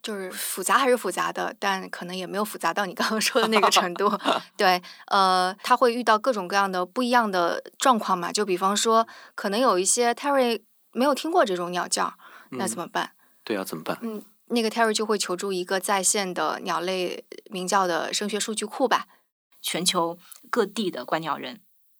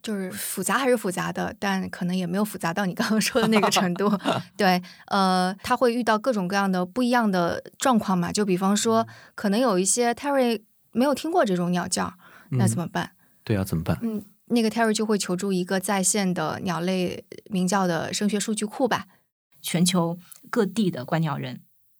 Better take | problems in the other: second | thin; somewhat; fading below 250 Hz

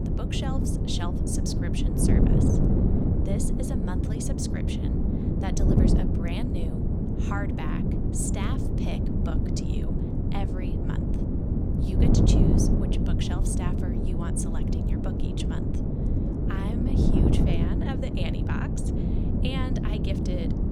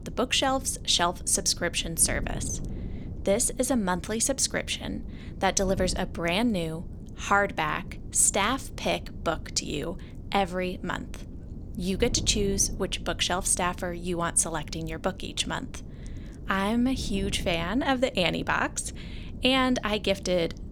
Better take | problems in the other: second | wind noise on the microphone; heavy; 4 dB above the speech; occasional gusts in the second

